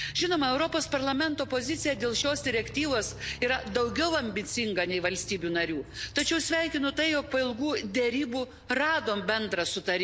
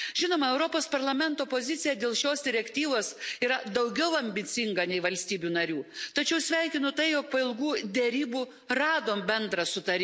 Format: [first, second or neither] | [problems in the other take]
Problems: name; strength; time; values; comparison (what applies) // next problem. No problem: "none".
second | background sound (Motorcycle + Tambourine); 17 dB below the speech